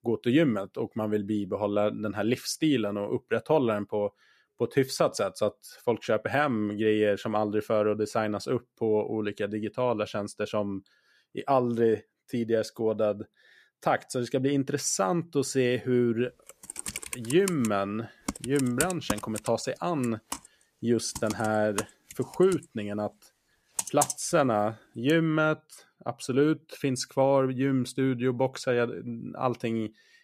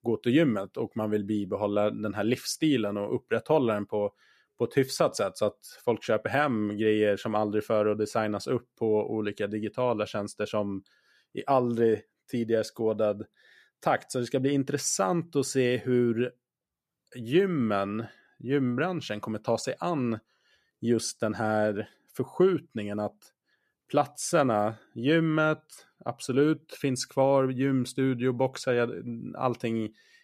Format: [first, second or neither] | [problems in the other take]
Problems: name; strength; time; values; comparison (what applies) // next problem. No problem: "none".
second | keyboard typing; noticeable; from 17 to 24 s; peak 1 dB below the speech